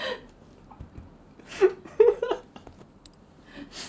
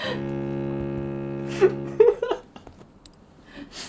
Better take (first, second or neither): first